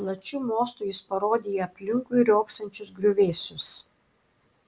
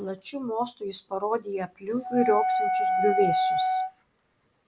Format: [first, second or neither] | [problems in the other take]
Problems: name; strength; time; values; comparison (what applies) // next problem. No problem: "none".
first | background sound (Wind instrument, woodwind instrument); 3 dB above the speech